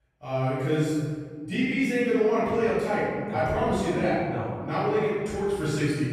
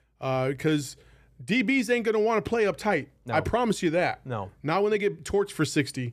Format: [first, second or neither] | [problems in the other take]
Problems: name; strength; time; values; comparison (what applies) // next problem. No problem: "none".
second | off-mic speech; far // room echo; strong; dies away in 1.8 s